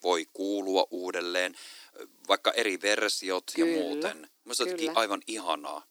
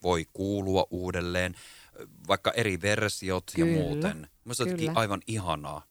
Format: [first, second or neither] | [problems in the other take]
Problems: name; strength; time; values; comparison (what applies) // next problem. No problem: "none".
second | thin; somewhat; fading below 300 Hz